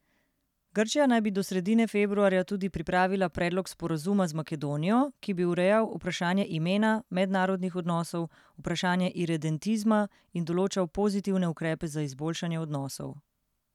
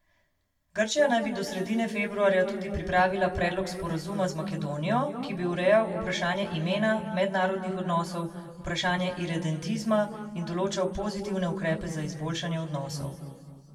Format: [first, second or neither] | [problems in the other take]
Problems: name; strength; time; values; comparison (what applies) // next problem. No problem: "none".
first | room echo; dies away in 1.9 s